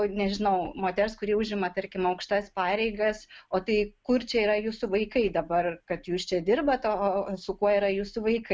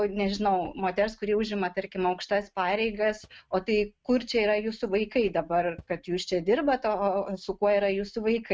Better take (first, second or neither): first